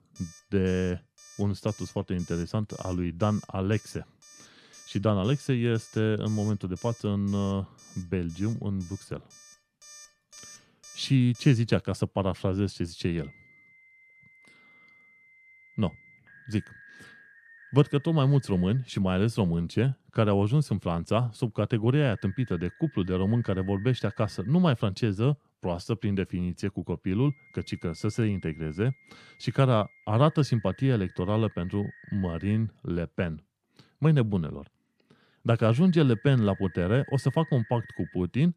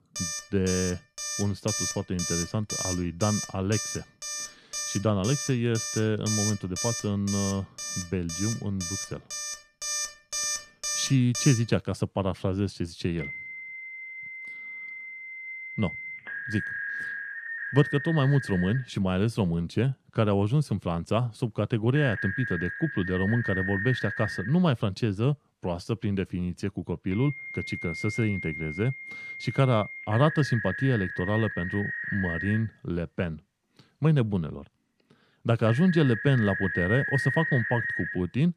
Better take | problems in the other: first | alarms or sirens; loud; throughout; 5 dB below the speech; faint in the first

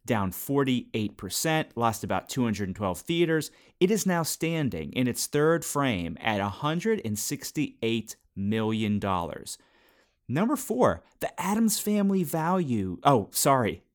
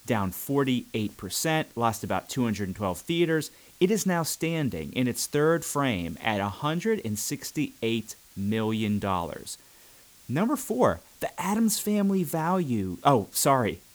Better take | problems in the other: first | hiss; faint; throughout; 25 dB below the speech

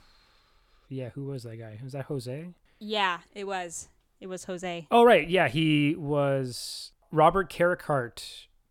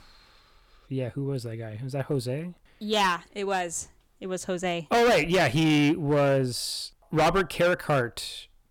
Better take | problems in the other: first | distortion; heavy; 8% of the sound clipped

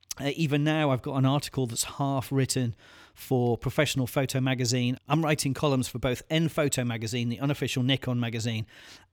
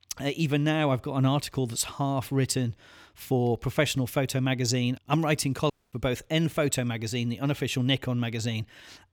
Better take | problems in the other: first | audio cutting out; at 5.5 s

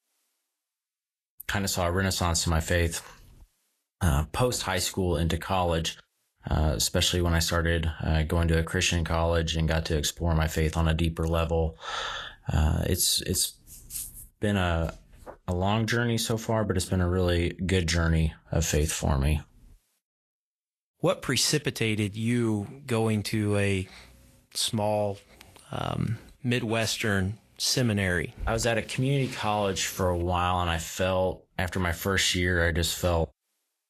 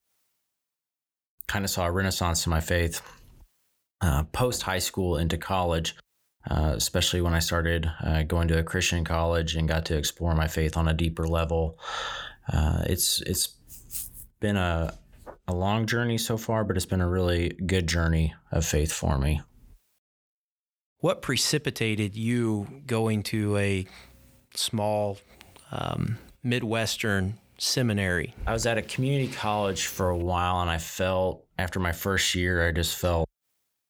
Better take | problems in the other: second | garbled, watery; slightly; nothing above 13 kHz

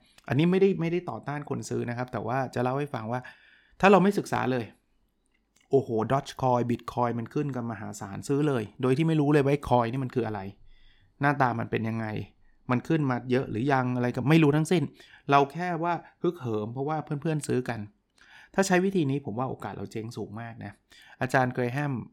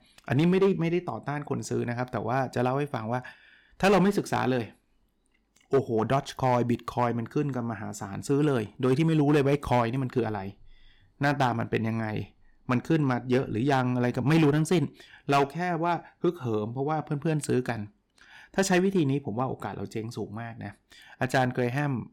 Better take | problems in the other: first | distortion; slight; 3% of the sound clipped

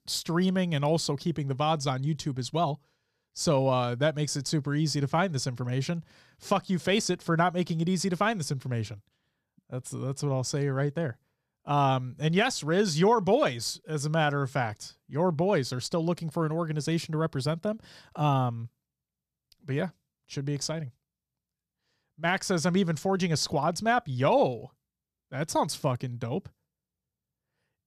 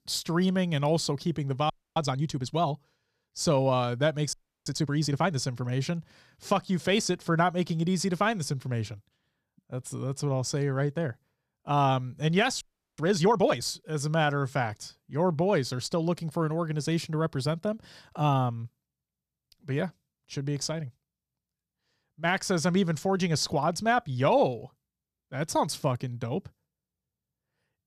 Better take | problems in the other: first | audio freezing; at 1.5 s, at 4.5 s and at 13 s

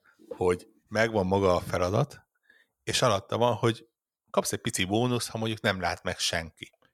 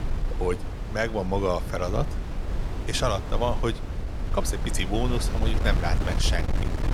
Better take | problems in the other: first | wind noise on the microphone; heavy; 9 dB below the speech

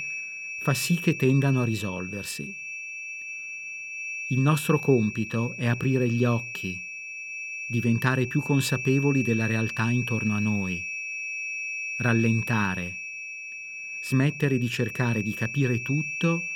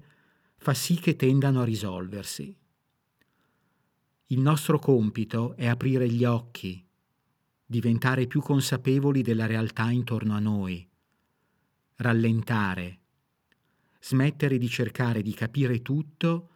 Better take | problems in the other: second | high-pitched whine; loud; throughout; 2.5 kHz, 7 dB below the speech

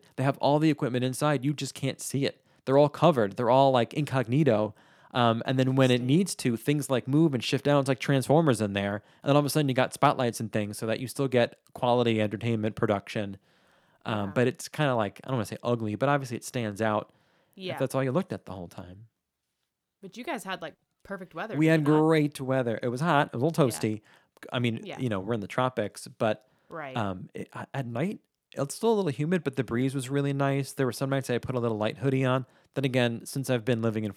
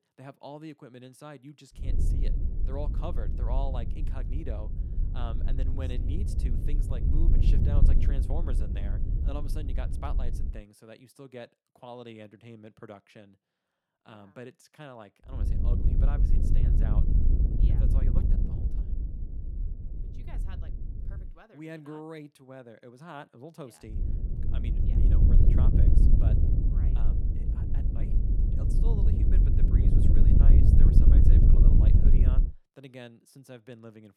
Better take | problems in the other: first | wind noise on the microphone; heavy; from 2 to 11 s, from 15 to 21 s and from 24 to 32 s; 3 dB above the speech

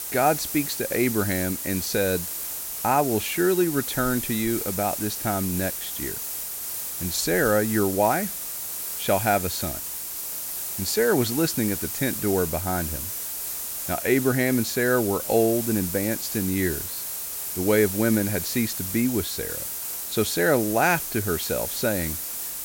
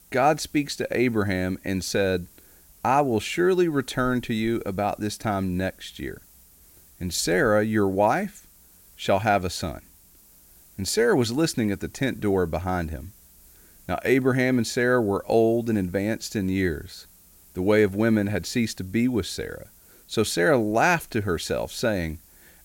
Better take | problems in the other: second | hiss; loud; throughout; 4 dB below the speech; faint in the second

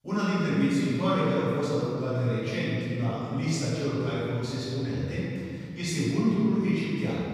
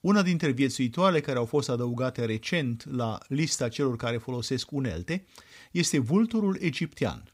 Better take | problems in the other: second | room echo; strong; dies away in 2.5 s // off-mic speech; far

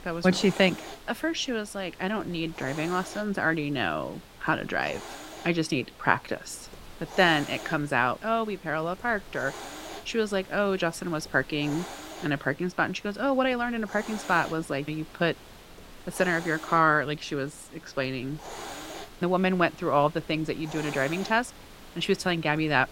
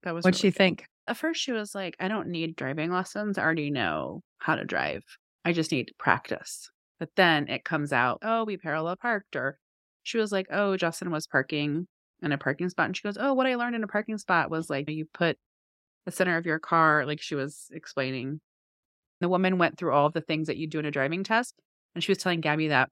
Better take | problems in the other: second | hiss; noticeable; throughout; 15 dB below the speech

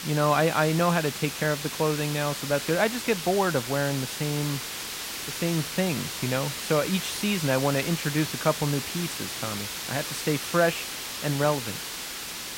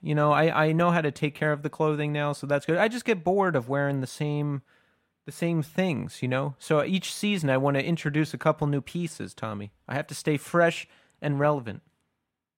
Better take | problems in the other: second | hiss; loud; throughout; 5 dB below the speech

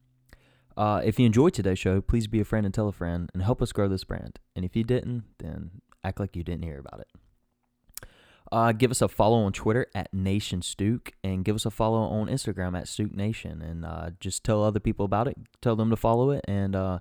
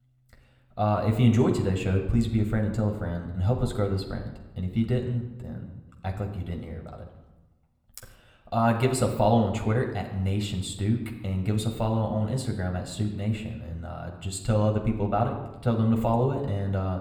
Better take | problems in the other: first | room echo; slight; dies away in 0.8 s

